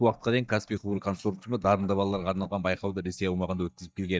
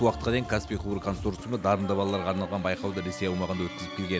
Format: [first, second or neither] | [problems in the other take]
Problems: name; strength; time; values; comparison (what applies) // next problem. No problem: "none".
second | noise reduction (neural mask model DeepFilterNet 3)